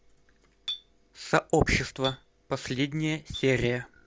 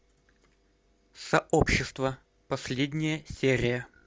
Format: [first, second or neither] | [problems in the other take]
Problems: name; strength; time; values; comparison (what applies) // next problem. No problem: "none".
second | background sound (Chink, clink); 15 dB below the speech